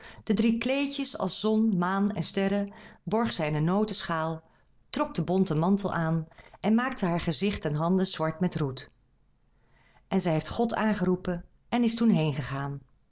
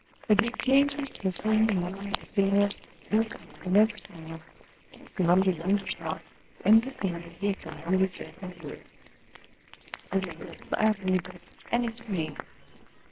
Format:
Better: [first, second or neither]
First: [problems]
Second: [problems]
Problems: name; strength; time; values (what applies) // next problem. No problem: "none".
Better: first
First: none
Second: noise reduction (neural separator model SepFormer WHAMR!)